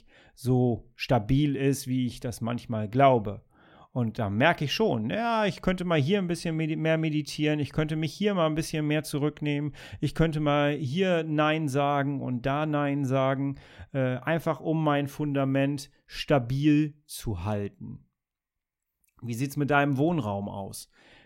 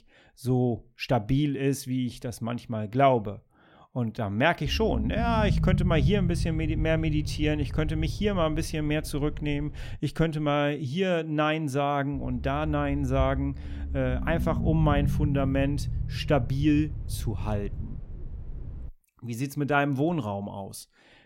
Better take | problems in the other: first | low rumble; noticeable; from 4.5 to 10 s and from 12 to 19 s; 15 dB below the speech

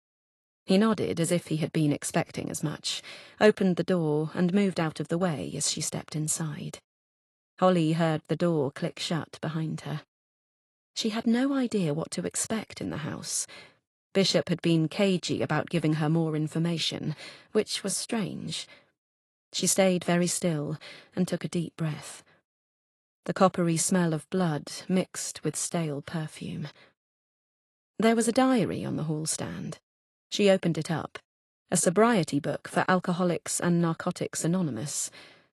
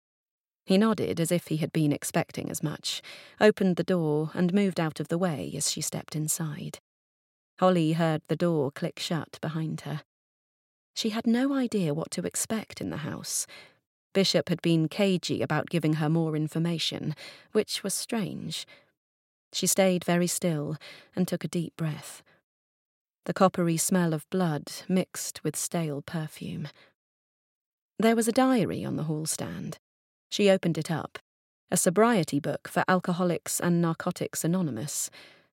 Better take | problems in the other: second | garbled, watery; slightly; nothing above 11.5 kHz

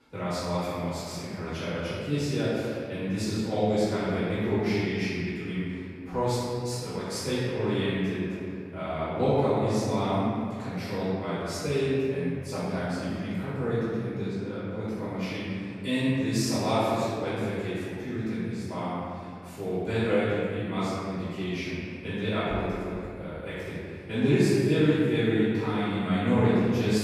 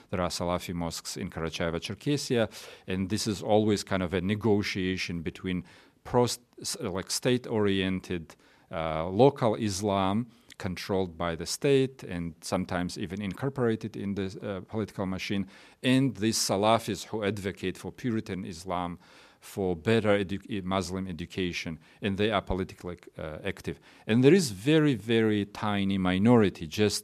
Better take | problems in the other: second | off-mic speech; far // room echo; strong; dies away in 2.2 s

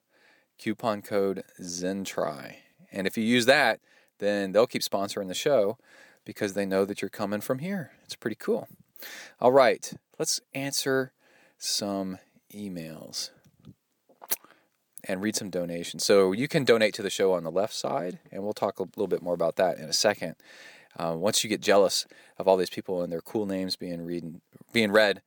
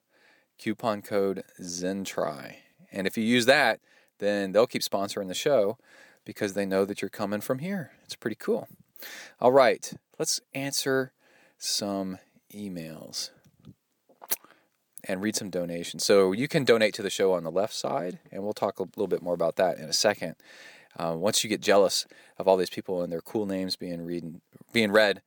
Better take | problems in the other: neither | none

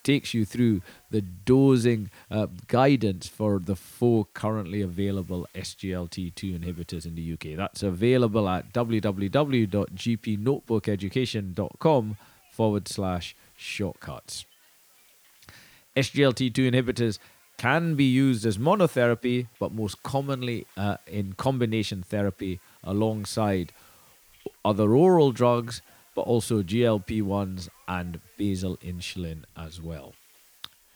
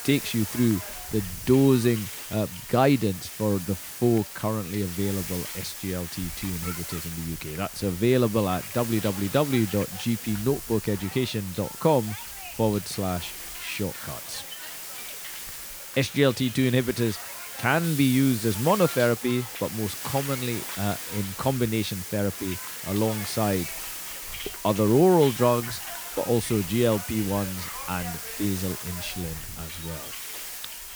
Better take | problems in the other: first | hiss; loud; throughout; 7 dB below the speech; faint in the first

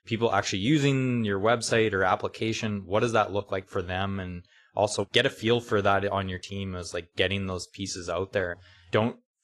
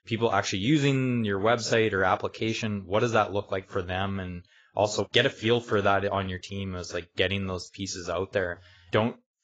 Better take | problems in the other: first | garbled, watery; badly; nothing above 7.5 kHz; slightly in the first

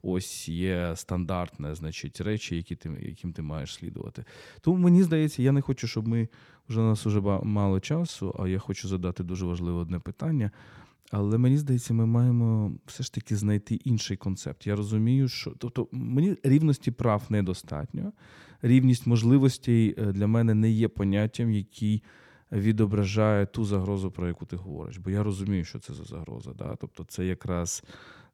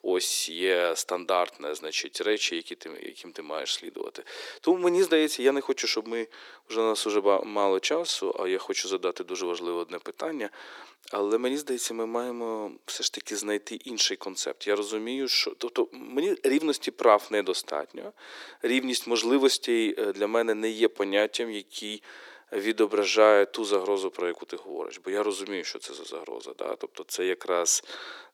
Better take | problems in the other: first | thin; very; fading below 350 Hz

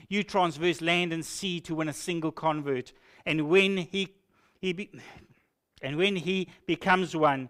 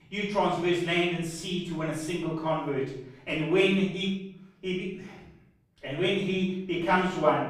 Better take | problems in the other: first | off-mic speech; far // room echo; noticeable; dies away in 0.7 s

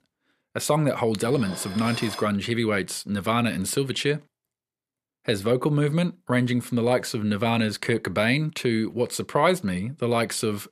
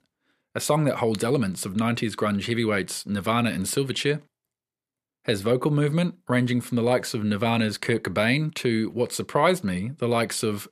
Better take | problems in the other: second | clattering dishes; noticeable; from 1 to 2.5 s; peak 10 dB below the speech

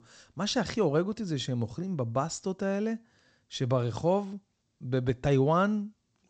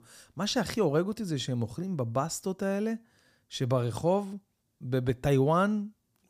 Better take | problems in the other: second | garbled, watery; slightly; nothing above 7.5 kHz

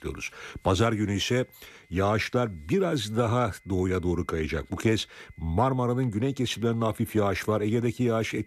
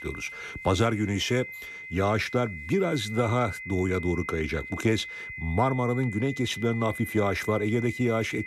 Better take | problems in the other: first | high-pitched whine; loud; throughout; 2 kHz, 10 dB below the speech; faint in the first

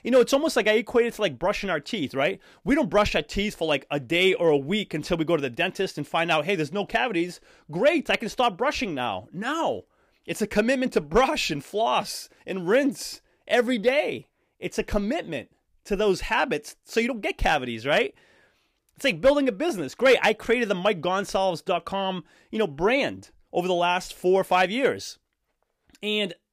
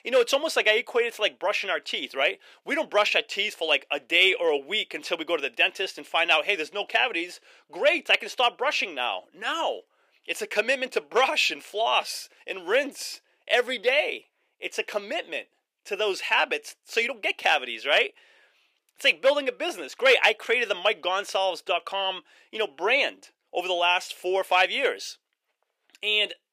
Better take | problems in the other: first | thin; somewhat; fading below 450 Hz

